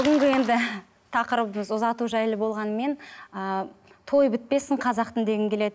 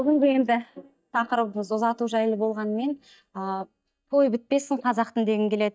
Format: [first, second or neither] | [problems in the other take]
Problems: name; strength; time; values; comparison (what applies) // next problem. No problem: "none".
first | noise reduction (neural mask model DeepFilterNet 3)